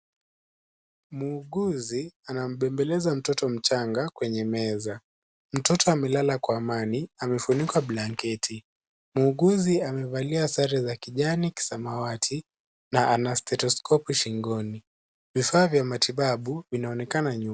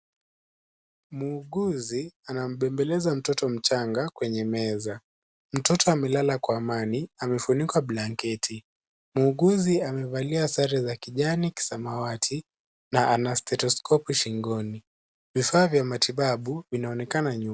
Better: second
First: background sound (Gunshot, gunfire); 18 dB below the speech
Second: none

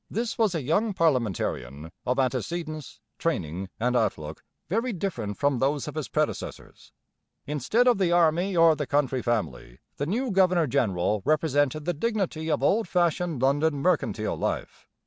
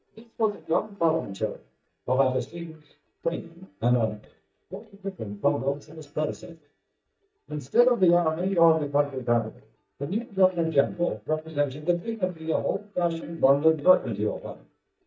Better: first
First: none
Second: noise reduction (neural mask model DeepFilterNet 3)

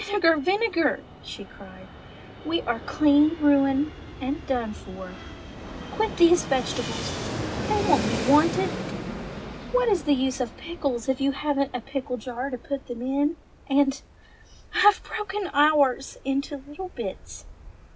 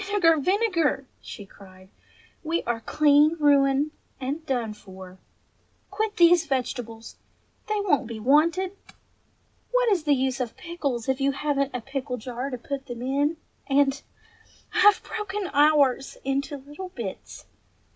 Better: second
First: background sound (Fixed-wing aircraft, airplane); 10 dB below the speech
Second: none

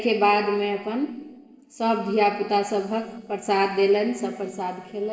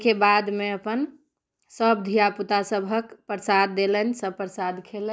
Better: second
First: noise reduction (neural separator model SepFormer DNS4)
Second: none

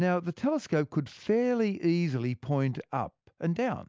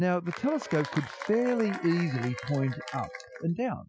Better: first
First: none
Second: noise reduction (classical method Wiener filter)

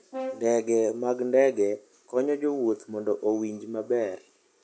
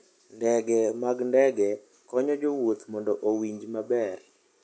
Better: second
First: background sound (Brass instrument); 13 dB below the speech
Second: none

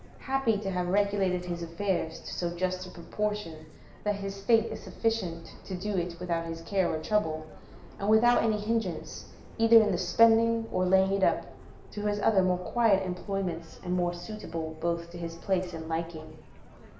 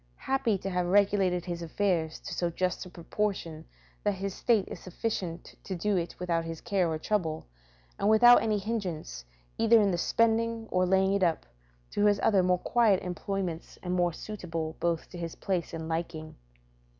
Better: second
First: background sound (Subway, metro, underground); 17 dB below the speech // room echo; dies away in 0.6 s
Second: none

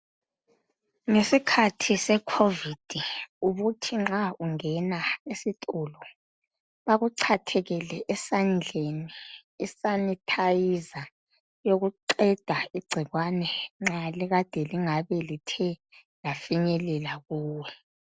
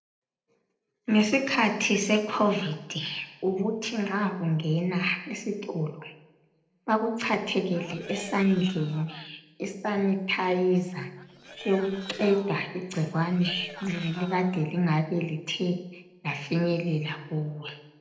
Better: first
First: none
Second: noise reduction (neural separator model SepFormer DNS4)

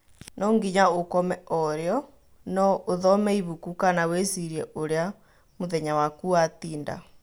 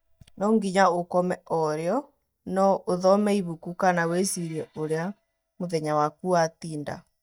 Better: first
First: none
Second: noise reduction (neural mask model DeepFilterNet 3)

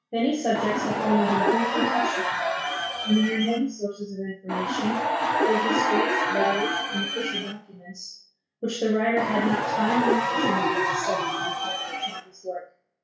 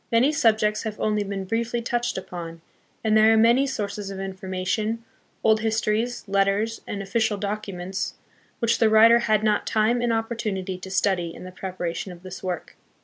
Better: second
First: noise reduction (classical method WPE with log-MMSE)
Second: none

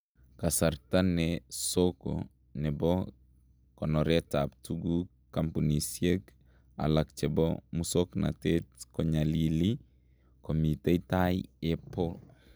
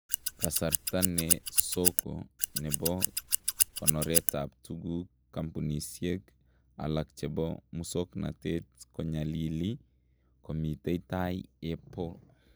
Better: first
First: none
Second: background sound (Scissors); 5 dB above the speech

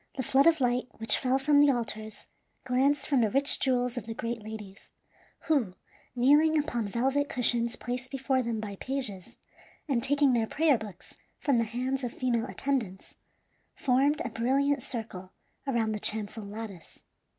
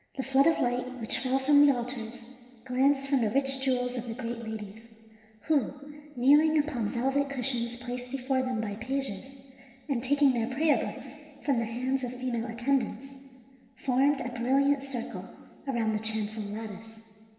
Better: first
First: none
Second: room echo; dies away in 2.8 s

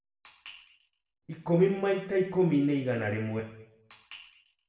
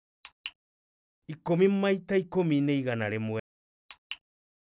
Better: second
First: room echo; dies away in 0.7 s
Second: none

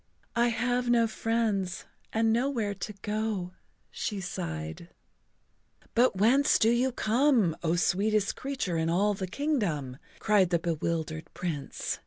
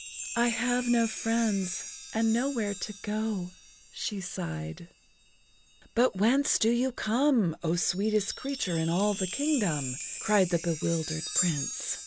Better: first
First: none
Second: background sound (Chime); 10 dB below the speech

